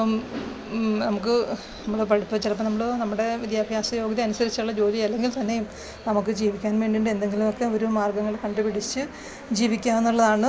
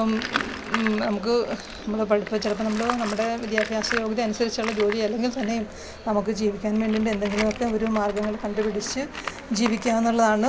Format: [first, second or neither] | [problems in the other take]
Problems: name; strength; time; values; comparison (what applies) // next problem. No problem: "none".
first | background sound (Tools); 11 dB below the speech